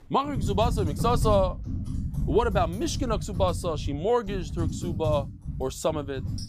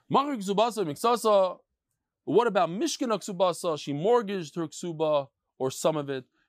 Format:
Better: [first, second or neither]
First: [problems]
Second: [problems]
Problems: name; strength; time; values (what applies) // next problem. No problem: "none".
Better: second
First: household noises; loud; throughout; 4 dB below the speech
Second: none